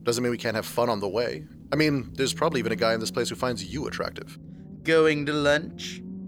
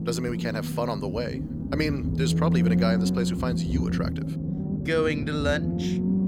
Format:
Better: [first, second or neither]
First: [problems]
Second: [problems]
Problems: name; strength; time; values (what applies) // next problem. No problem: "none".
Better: first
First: low rumble; faint; throughout; 25 dB below the speech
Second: low rumble; loud; throughout; 5 dB below the speech